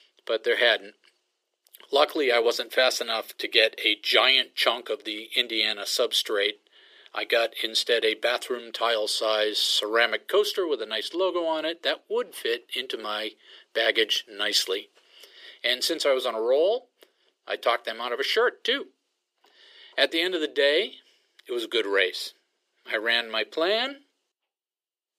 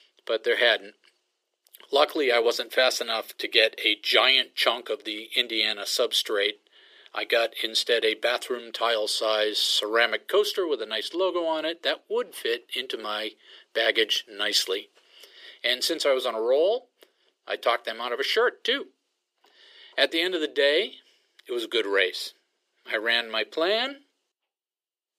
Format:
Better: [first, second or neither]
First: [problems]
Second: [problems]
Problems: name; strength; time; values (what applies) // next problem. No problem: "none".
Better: neither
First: thin; very; fading below 400 Hz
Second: thin; very; fading below 400 Hz